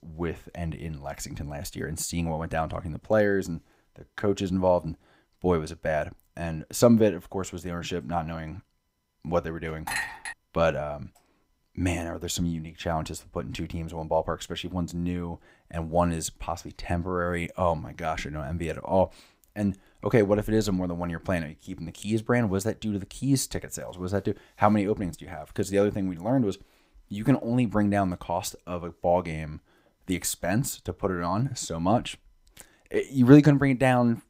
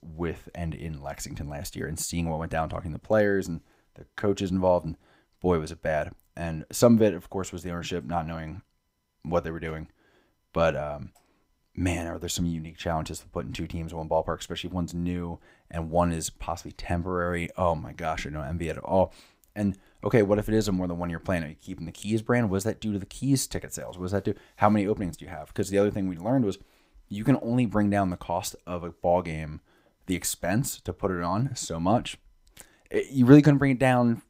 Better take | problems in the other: second | clattering dishes; noticeable; at 10 s; peak 3 dB below the speech

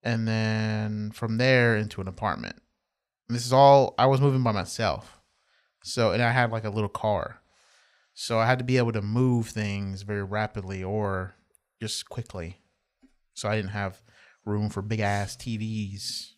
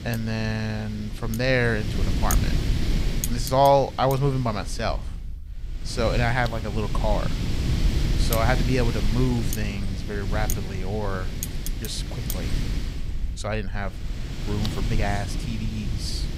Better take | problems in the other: first | wind noise on the microphone; heavy; 10 dB below the speech

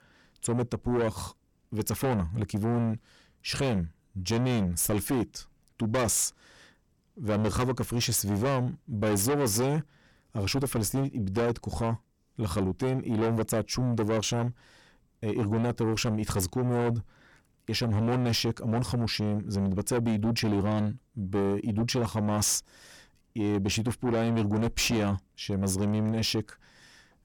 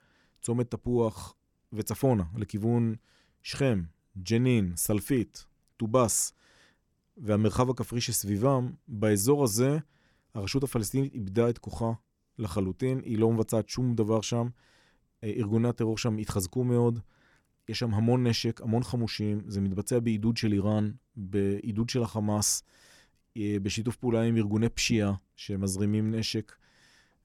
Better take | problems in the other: second | distortion; heavy; 6 dB below the speech

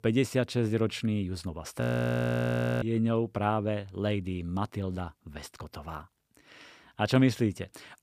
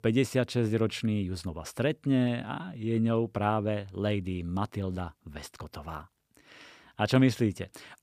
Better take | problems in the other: second | audio freezing; at 2 s for 1 s

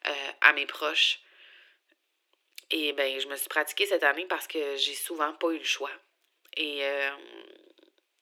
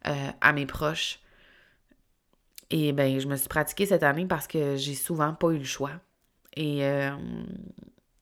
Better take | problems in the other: second | thin; very; fading below 300 Hz

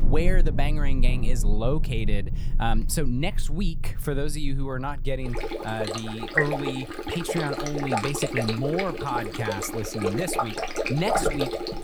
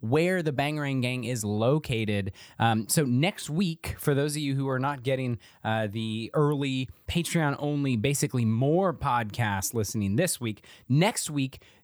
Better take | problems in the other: second | rain or running water; very loud; throughout; as loud as the speech

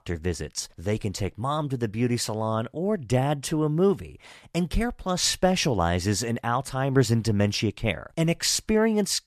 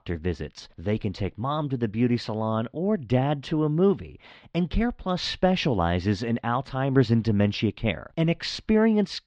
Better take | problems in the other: first | muffled; slightly; fading above 4 kHz

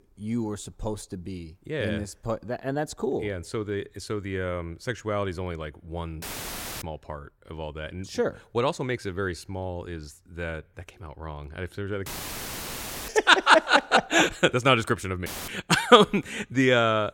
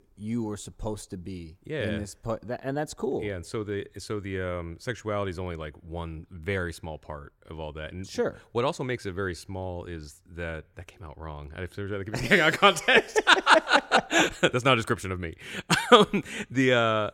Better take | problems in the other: second | audio cutting out; filled with static; at 6 s for 0.5 s, at 12 s for 1 s and at 15 s

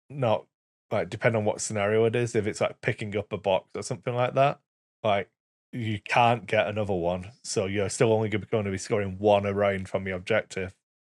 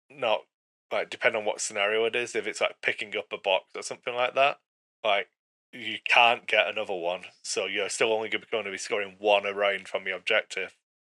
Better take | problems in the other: first | thin; very; fading below 450 Hz

